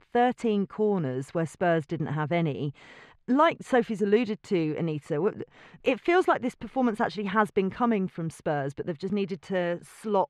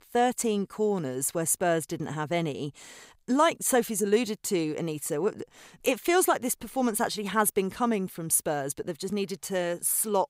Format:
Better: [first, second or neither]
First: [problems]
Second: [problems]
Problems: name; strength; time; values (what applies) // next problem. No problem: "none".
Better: second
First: muffled; very; fading above 2.5 kHz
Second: none